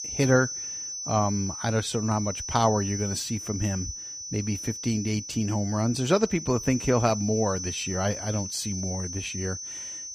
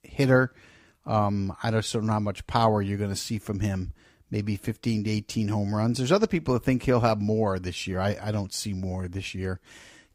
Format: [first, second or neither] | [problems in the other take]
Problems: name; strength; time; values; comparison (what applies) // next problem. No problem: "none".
second | high-pitched whine; loud; throughout; 6 kHz, 6 dB below the speech